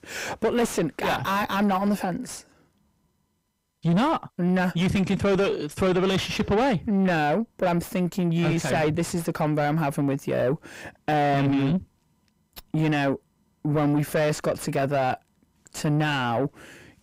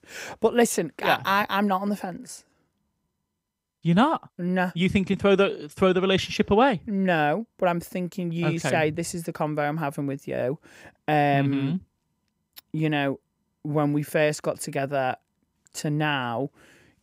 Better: second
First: distortion; heavy; 6 dB below the speech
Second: none

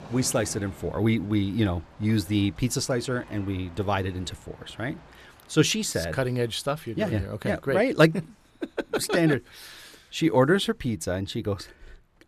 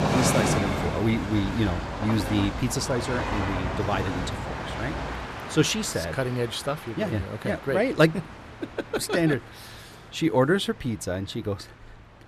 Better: first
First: train or aircraft noise; faint; throughout; 25 dB below the speech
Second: train or aircraft noise; loud; throughout; 4 dB below the speech

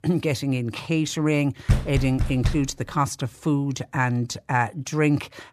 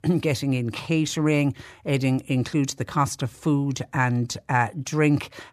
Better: second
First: door banging; loud; at 1.5 s; peak level with the speech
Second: none

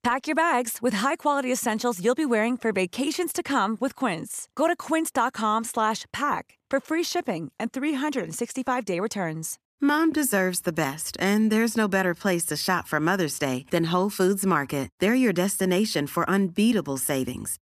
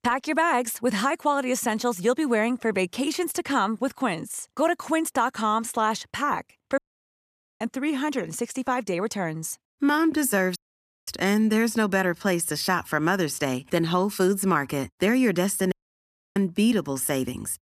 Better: first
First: none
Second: audio cutting out; at 7 s for 1 s, at 11 s for 0.5 s and at 16 s for 0.5 s

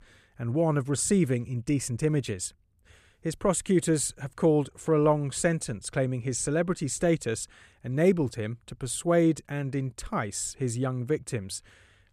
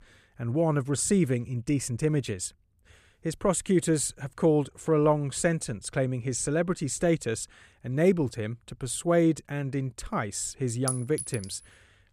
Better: first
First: none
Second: clattering dishes; noticeable; at 11 s; peak 4 dB below the speech

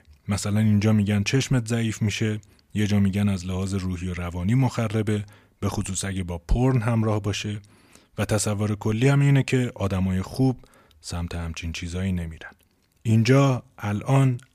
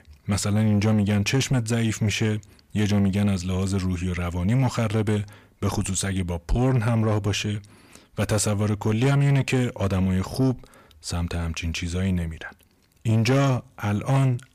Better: first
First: none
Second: distortion; slight; 10 dB below the speech

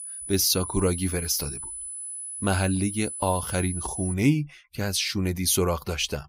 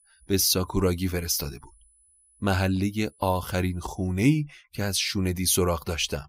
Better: second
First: high-pitched whine; loud; until 4 s; 10 kHz, 7 dB below the speech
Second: high-pitched whine; faint; until 4 s; 10 kHz, 35 dB below the speech

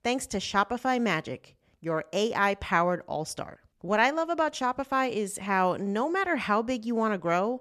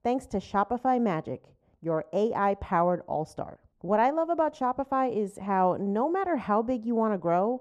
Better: first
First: none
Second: muffled; very; fading above 1.5 kHz

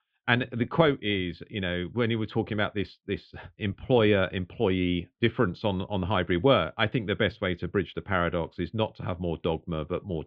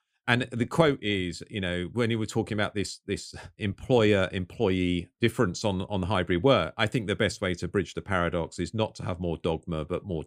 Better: second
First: muffled; very; fading above 3.5 kHz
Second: none

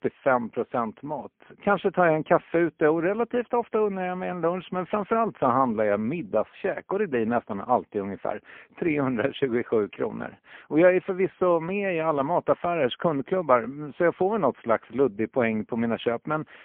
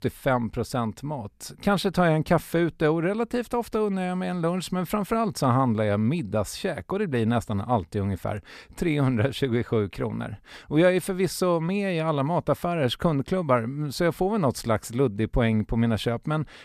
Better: second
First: phone-call audio; poor line; nothing above 3.5 kHz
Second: none

